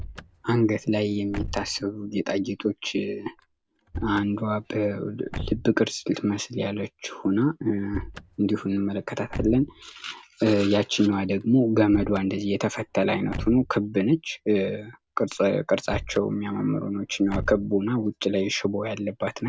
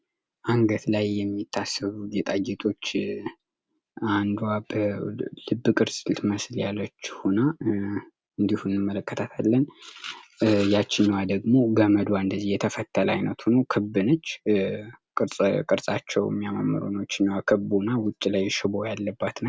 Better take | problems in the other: second | background sound (Slam / Car); 15 dB below the speech

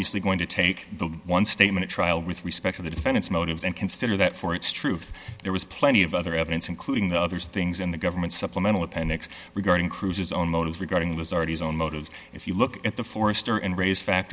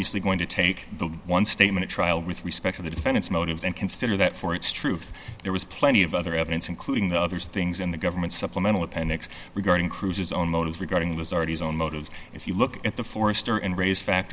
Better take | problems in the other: first | background sound (Insect); 19 dB below the speech

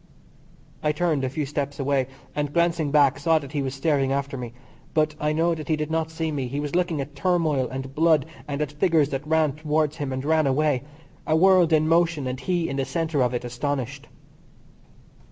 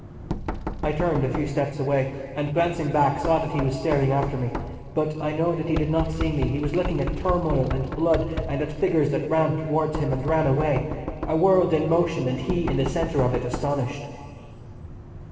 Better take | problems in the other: first | background sound (Knock); 8 dB below the speech // room echo; dies away in 2.3 s

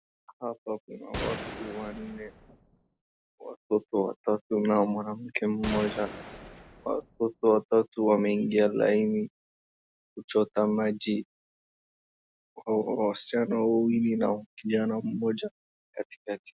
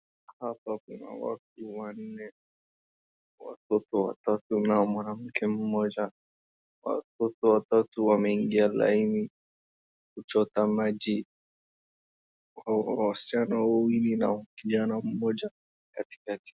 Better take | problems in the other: second | background sound (Gunshot, gunfire); 11 dB below the speech

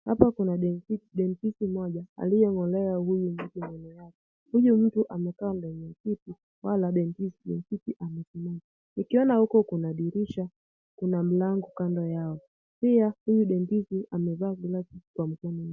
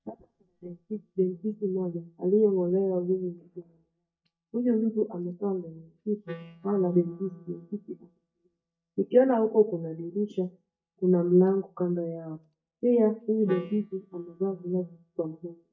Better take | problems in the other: first | noise reduction (neural mask model DeepFilterNet 3)

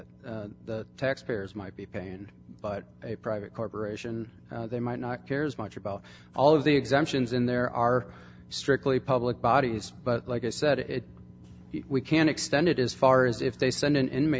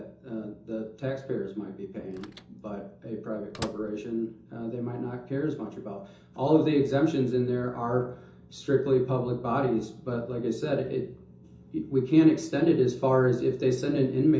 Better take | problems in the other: first | background sound (Microwave oven); 17 dB below the speech // room echo; dies away in 0.6 s

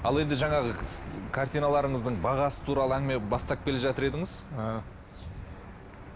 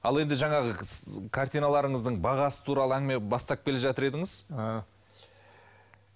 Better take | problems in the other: second | background sound (Engine / Aircraft); 11 dB below the speech

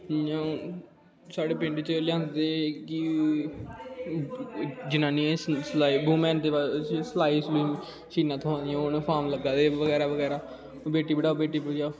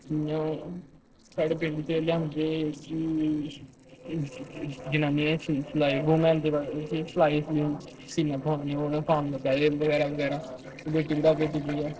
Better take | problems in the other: first | noise reduction (neural separator model SepFormer DNS4)

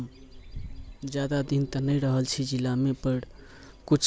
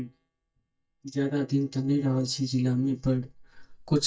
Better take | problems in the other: first | noise reduction (neural mask model DeepFilterNet 3)

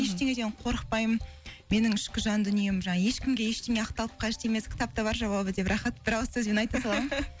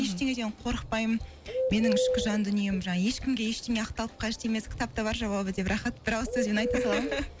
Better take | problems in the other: first | background sound (Bird); 6 dB below the speech

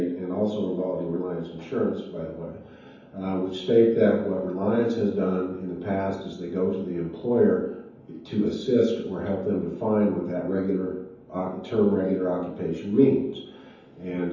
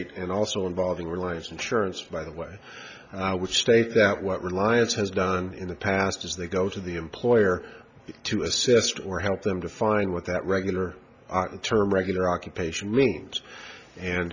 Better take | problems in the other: second | room echo; dies away in 0.9 s

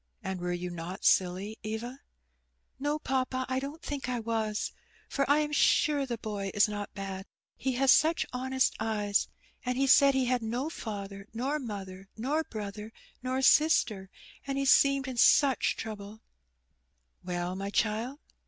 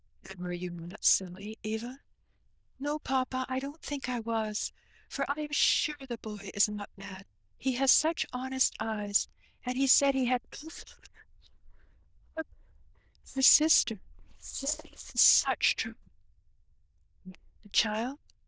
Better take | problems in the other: first | noise reduction (neural diffusion model UNIVERSE++)

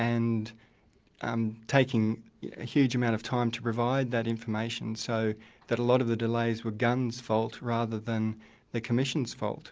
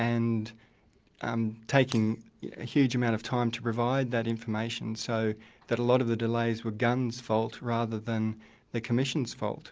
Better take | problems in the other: first | background sound (Shatter); 17 dB below the speech

